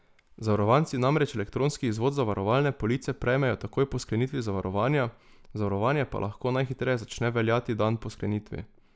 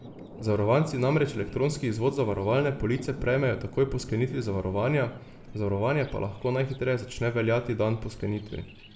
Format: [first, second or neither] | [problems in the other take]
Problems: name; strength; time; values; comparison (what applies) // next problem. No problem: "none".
first | background sound (Thunder); 18 dB below the speech // room echo; dies away in 1.1 s